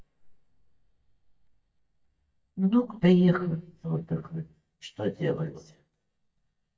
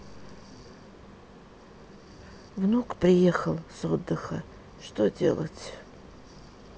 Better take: second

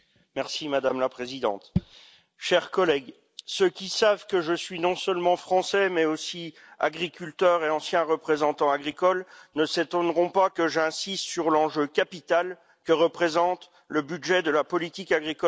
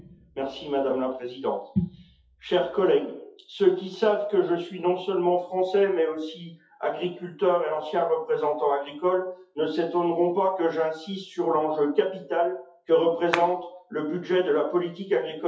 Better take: first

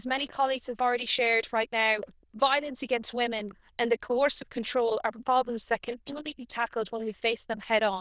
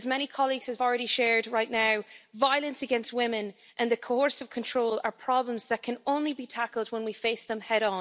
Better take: second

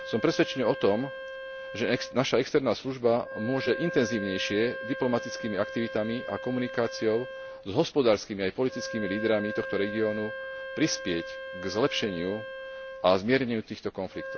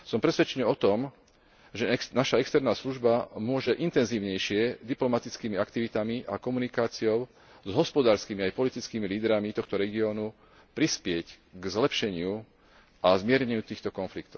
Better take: second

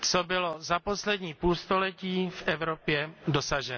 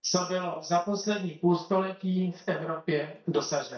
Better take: first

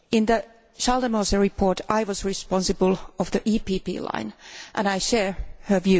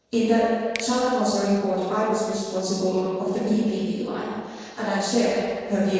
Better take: first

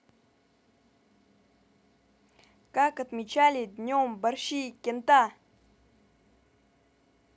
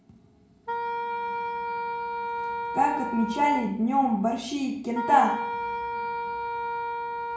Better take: first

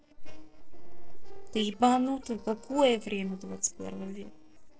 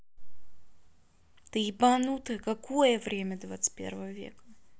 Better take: second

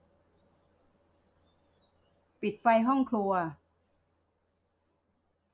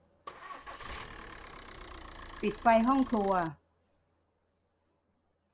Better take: first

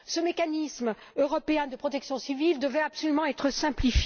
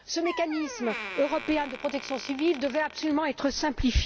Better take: first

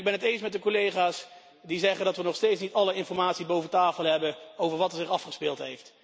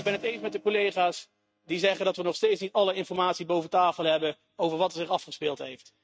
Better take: first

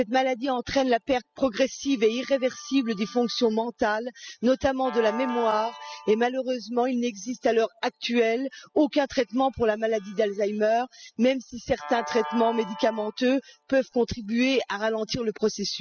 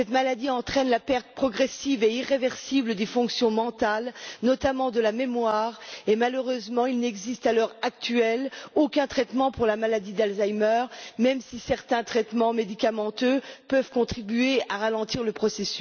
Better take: second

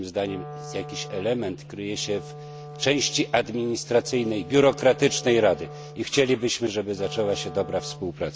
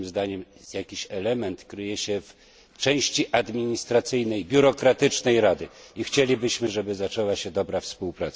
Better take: second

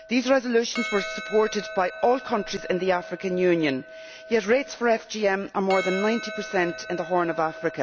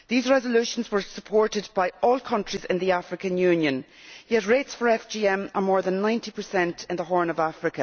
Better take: second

